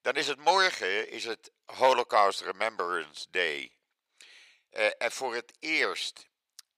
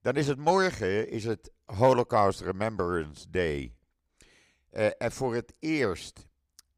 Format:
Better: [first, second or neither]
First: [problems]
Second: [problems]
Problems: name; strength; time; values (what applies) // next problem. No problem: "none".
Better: second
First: thin; very; fading below 650 Hz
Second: none